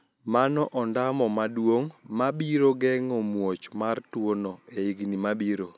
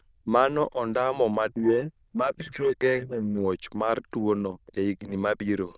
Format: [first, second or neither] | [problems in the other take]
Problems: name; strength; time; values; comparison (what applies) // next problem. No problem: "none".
first | noise reduction (neural diffusion model UNIVERSE++)